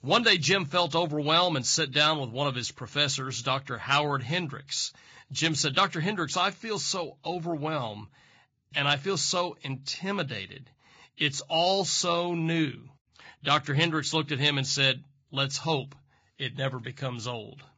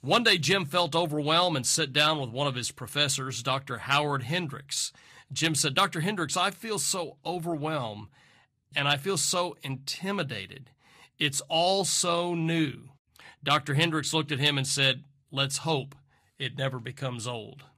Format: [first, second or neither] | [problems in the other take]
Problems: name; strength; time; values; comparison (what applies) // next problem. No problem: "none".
second | garbled, watery; badly; nothing above 7.5 kHz; slightly in the second